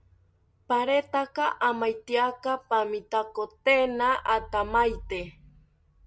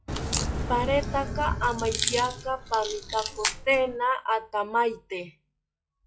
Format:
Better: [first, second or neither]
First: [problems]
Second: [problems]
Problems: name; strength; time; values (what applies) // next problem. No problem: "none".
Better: first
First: none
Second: noise reduction (classical method log-MMSE)